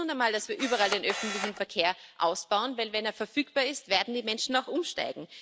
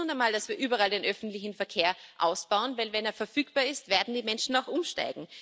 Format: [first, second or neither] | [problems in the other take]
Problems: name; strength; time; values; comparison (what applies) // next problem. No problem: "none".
second | background sound (Camera); 6 dB below the speech